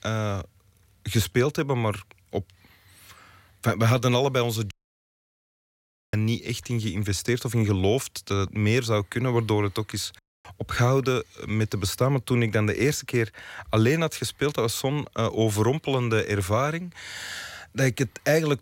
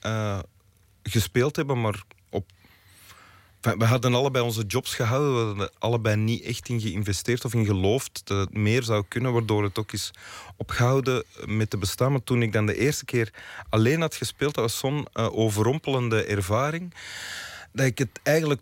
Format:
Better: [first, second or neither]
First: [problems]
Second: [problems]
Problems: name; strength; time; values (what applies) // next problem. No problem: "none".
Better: second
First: audio cutting out; at 4.5 s for 1.5 s and at 10 s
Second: none